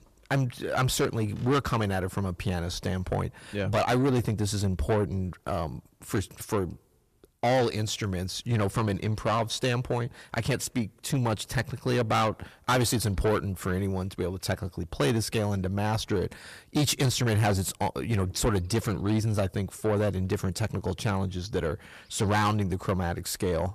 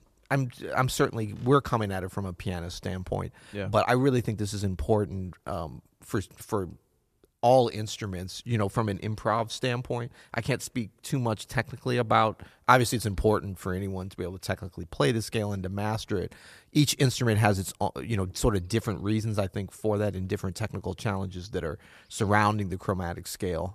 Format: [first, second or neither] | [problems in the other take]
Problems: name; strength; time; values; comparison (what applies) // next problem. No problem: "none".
second | distortion; heavy; 7 dB below the speech